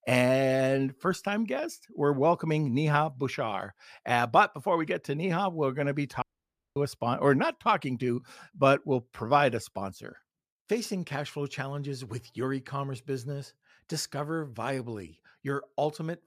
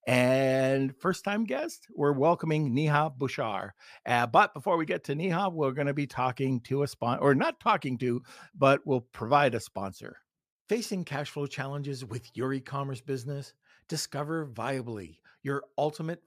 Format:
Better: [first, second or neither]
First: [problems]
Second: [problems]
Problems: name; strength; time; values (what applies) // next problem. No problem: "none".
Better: second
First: audio cutting out; at 6 s for 0.5 s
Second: none